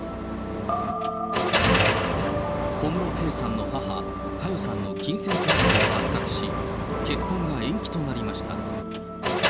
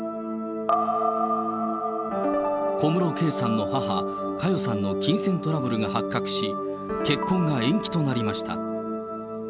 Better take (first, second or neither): second